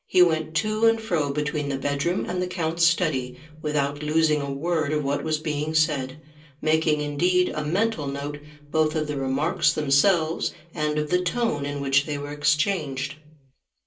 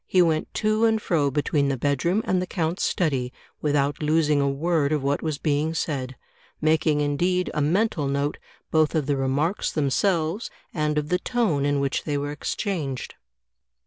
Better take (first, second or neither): second